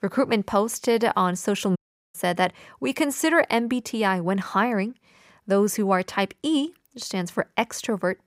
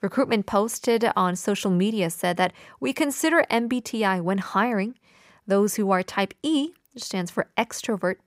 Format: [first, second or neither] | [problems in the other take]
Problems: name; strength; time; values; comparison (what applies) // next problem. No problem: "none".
second | audio cutting out; at 2 s